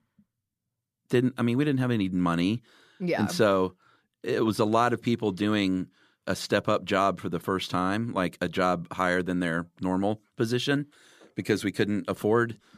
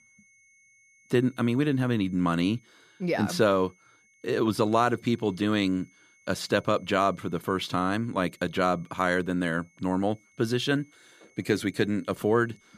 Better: first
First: none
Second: high-pitched whine; faint; throughout; 2 kHz, 35 dB below the speech

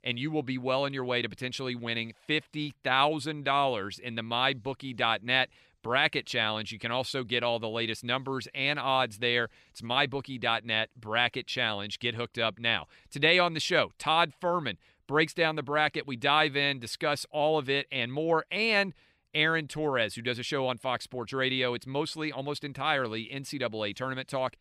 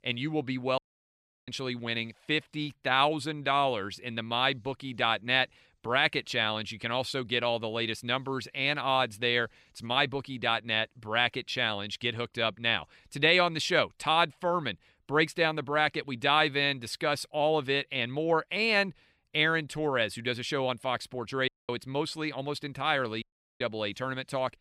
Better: first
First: none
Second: audio cutting out; at 1 s for 0.5 s, at 21 s and at 23 s

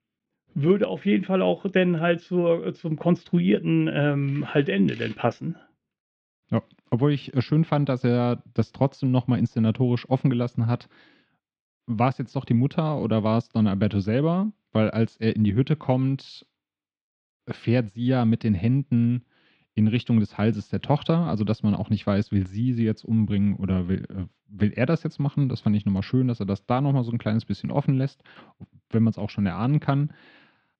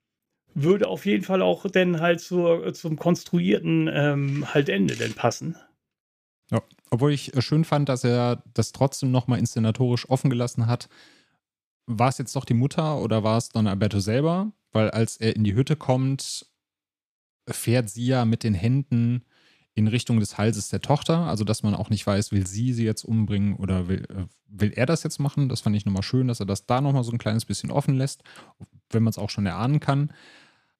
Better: second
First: muffled; slightly; fading above 3.5 kHz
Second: none

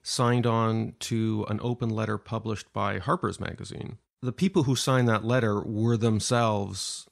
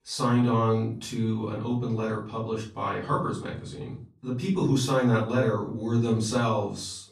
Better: first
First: none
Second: off-mic speech; far // room echo; slight; dies away in 0.4 s

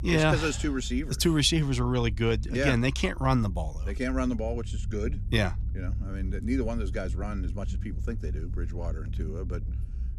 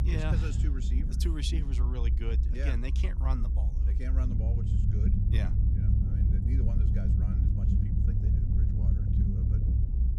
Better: first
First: low rumble; faint; throughout; 20 dB below the speech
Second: low rumble; loud; throughout; 1 dB below the speech

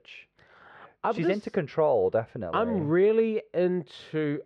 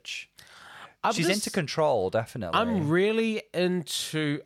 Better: second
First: muffled; very; fading above 2 kHz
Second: none

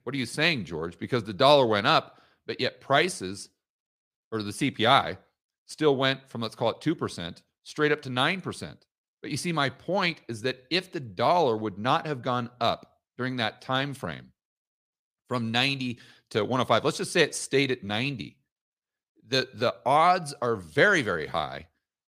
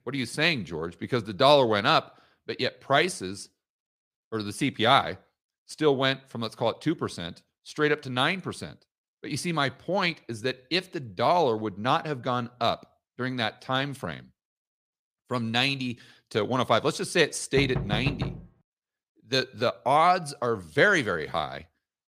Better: first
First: none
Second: door banging; noticeable; at 18 s; peak 4 dB below the speech

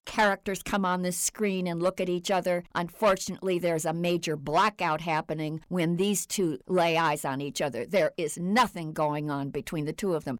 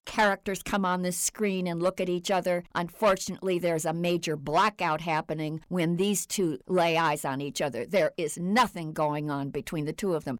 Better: neither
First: distortion; slight; 10 dB below the speech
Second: distortion; slight; 10 dB below the speech

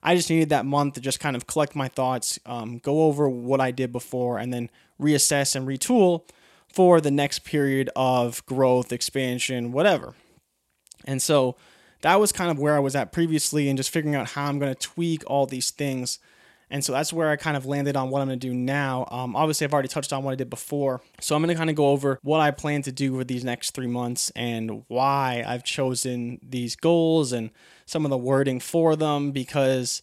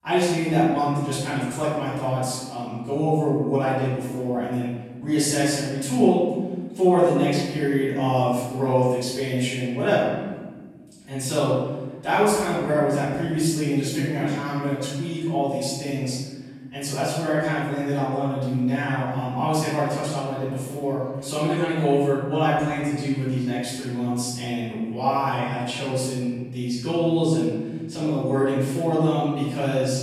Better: first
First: none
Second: off-mic speech; far // room echo; strong; dies away in 1.5 s

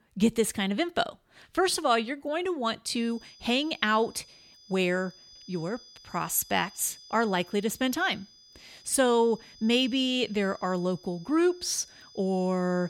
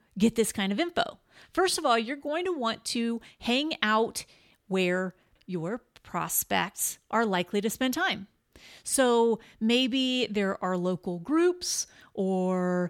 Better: second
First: high-pitched whine; faint; from 3 s on; 5 kHz, 20 dB below the speech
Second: none

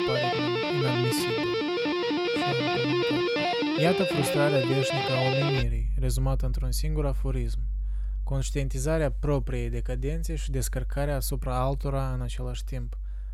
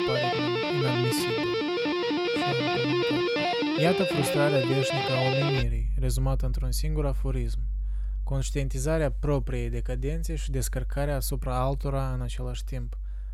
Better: neither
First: background music; very loud; throughout; 2 dB above the speech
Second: background music; very loud; throughout; 2 dB above the speech

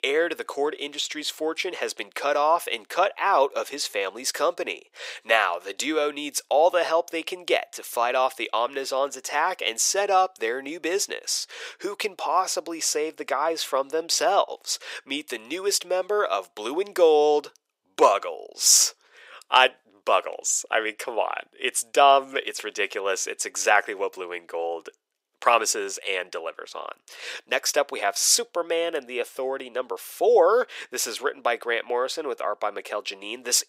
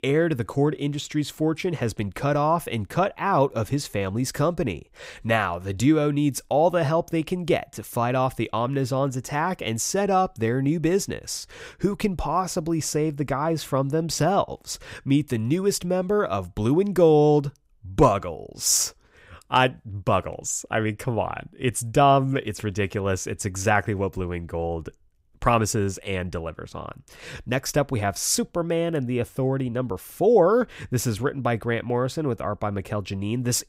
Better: second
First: thin; very; fading below 450 Hz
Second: none

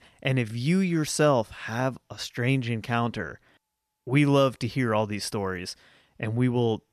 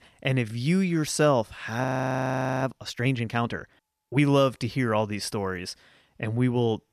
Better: first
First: none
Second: audio freezing; at 2 s for 1 s

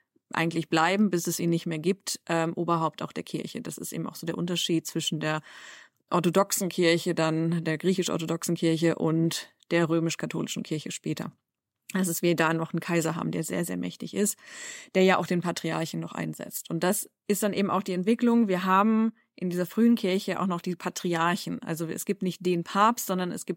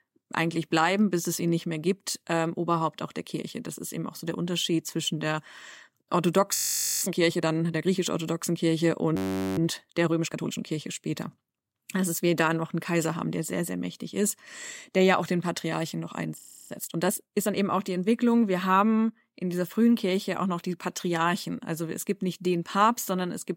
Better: first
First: none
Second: audio freezing; at 6.5 s, at 9 s and at 16 s

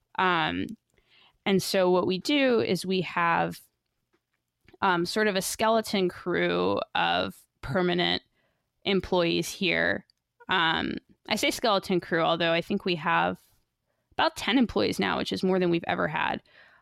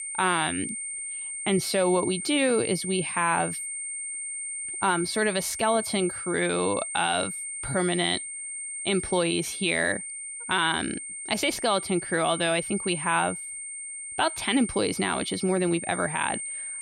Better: first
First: none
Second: high-pitched whine; loud; throughout; 8.5 kHz, 6 dB below the speech

